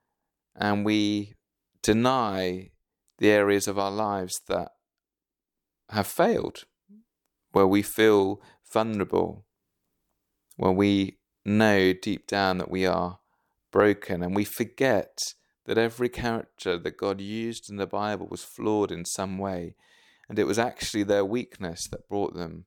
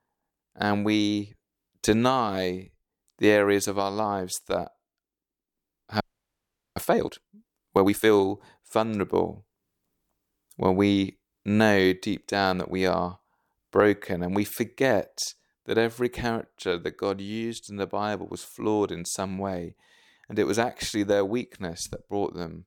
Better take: first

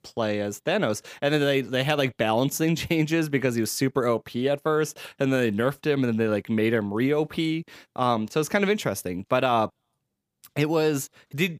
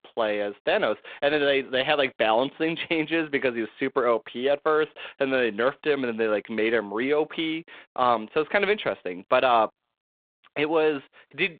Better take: first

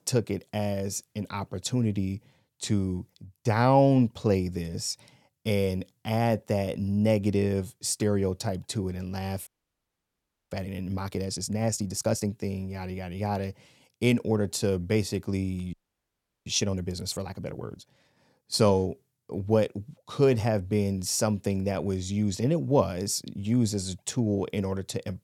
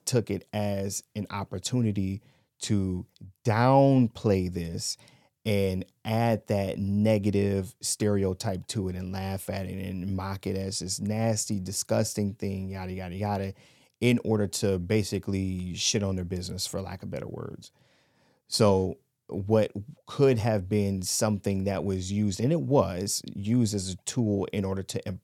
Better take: second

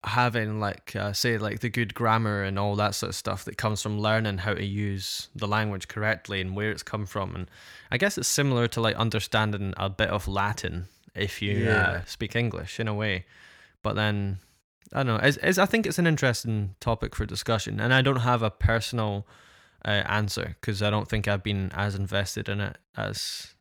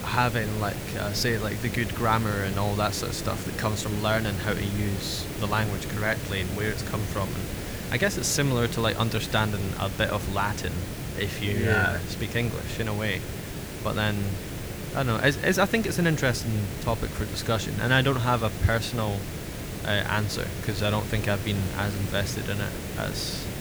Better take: first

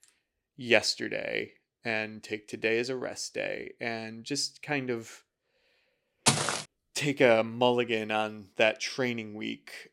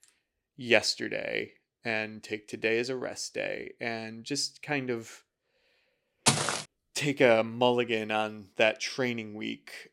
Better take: neither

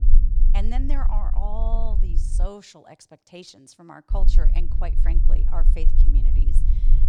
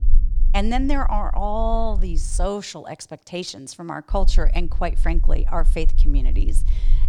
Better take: second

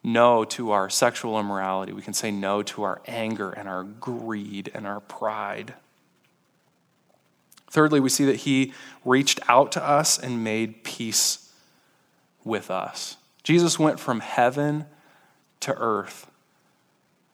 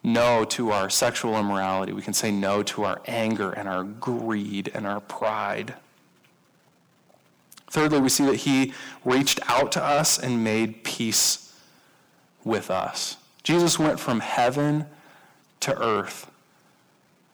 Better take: first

